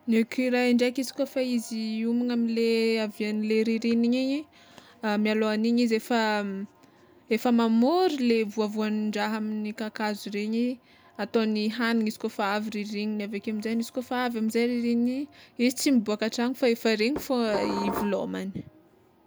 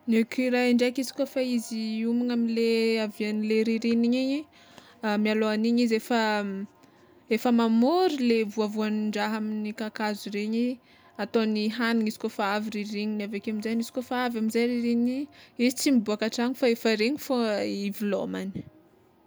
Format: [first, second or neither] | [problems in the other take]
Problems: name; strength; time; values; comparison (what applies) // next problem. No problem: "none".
second | background sound (Dishes, pots, and pans); 7 dB below the speech